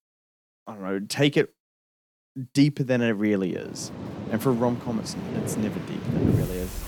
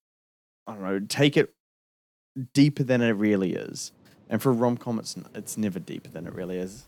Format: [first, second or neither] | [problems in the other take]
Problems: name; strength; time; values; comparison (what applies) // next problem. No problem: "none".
second | rain or running water; loud; from 3.5 s on; 4 dB below the speech; faint in the second